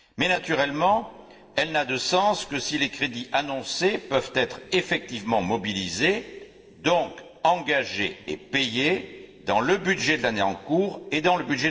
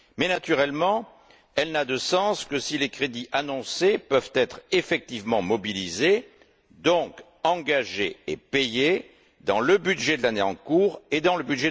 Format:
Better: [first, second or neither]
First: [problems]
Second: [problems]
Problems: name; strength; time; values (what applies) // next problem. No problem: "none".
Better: second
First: noise reduction (neural separator model SepFormer DNS4)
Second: none